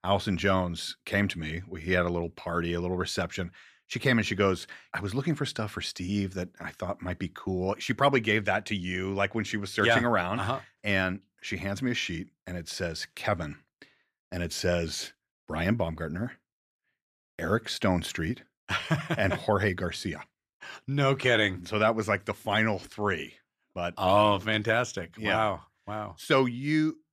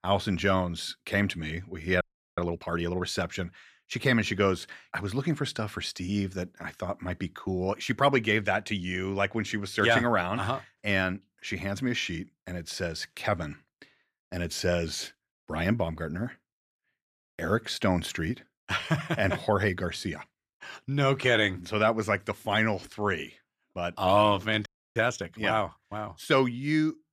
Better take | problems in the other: first | audio freezing; at 2 s and at 25 s

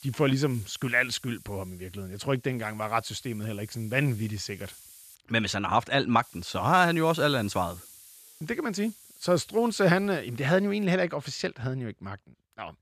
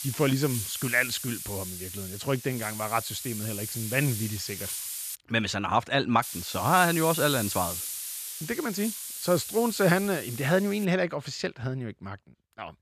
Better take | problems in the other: first | hiss; loud; until 5 s and from 6 to 11 s; 6 dB below the speech; faint in the first

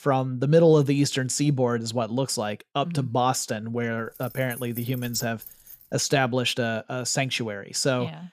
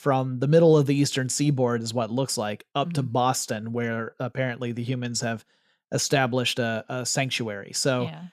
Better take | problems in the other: second | jangling keys; faint; from 4 to 6 s; peak 15 dB below the speech

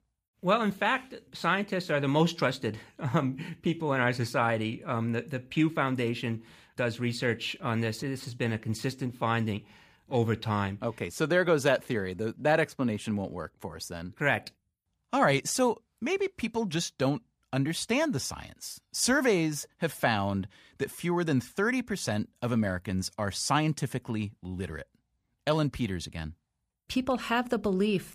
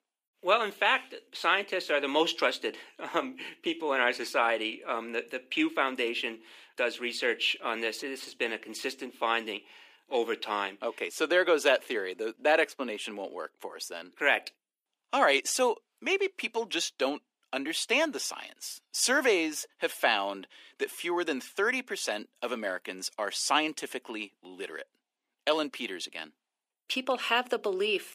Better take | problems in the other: first | thin; somewhat; fading below 300 Hz

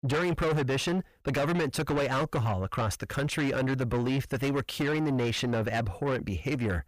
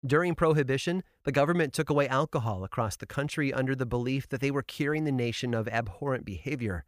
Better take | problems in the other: second | distortion; heavy; 5 dB below the speech

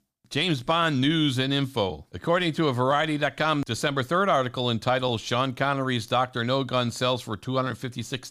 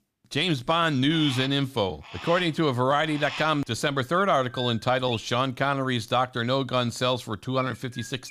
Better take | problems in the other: first | animal sounds; noticeable; throughout; 15 dB below the speech

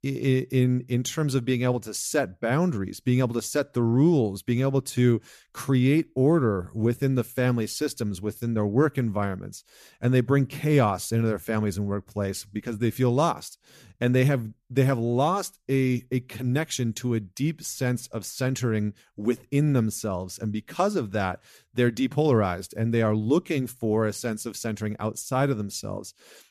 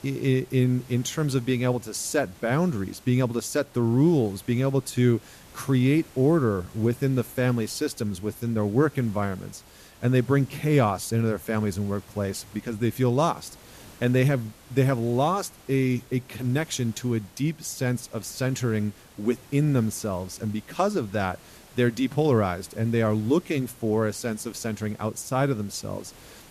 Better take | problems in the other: first | hiss; faint; throughout; 25 dB below the speech

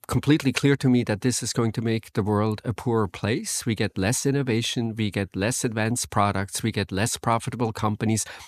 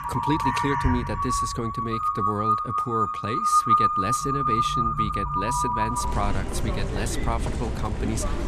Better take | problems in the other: first | animal sounds; very loud; throughout; 5 dB above the speech

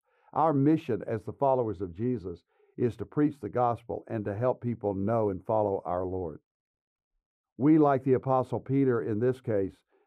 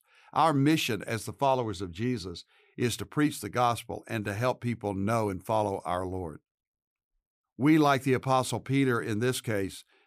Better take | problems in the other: second | muffled; very; fading above 2 kHz

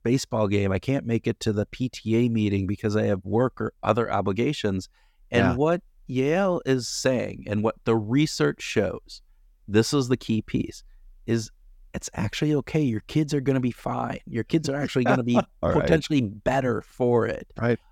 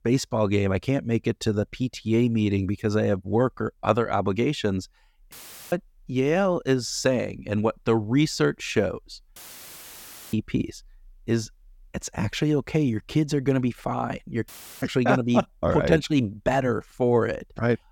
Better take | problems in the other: first | audio cutting out; filled with static; at 5.5 s, at 9.5 s for 1 s and at 14 s

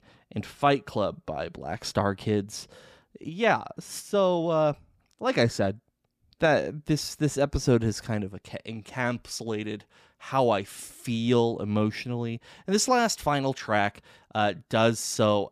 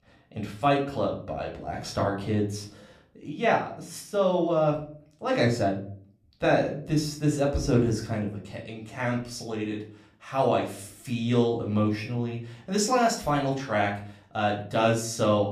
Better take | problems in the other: first | off-mic speech; somewhat distant // room echo; slight; dies away in 0.4 s

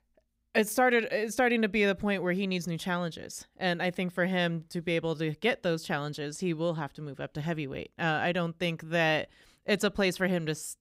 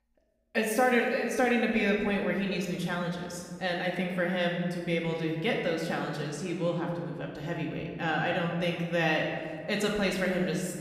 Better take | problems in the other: first | room echo; noticeable; dies away in 1.6 s // off-mic speech; somewhat distant

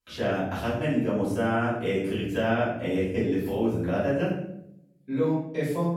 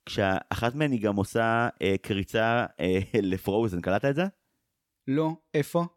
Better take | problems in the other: second | off-mic speech; far // room echo; noticeable; dies away in 0.7 s

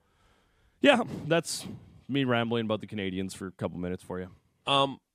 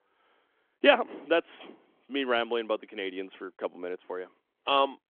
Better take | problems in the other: first | phone-call audio; nothing above 3 kHz

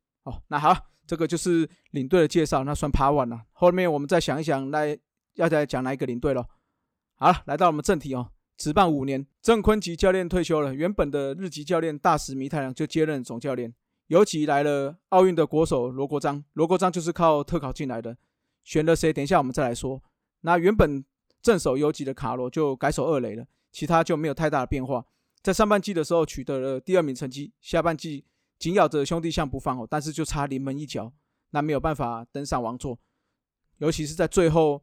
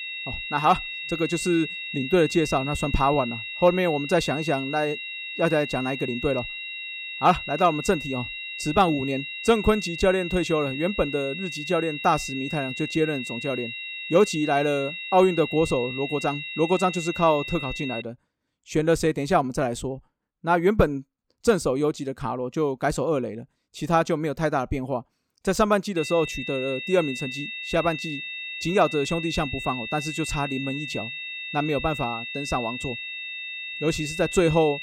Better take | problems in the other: first | high-pitched whine; loud; until 18 s and from 26 s on; 2.5 kHz, 7 dB below the speech

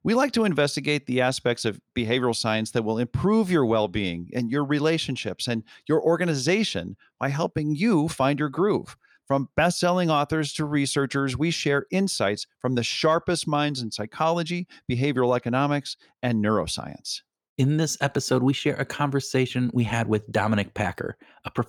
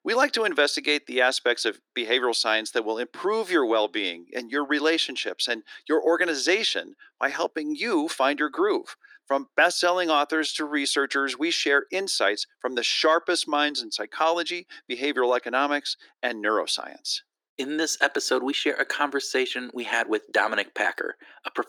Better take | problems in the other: first | thin; somewhat; fading below 300 Hz

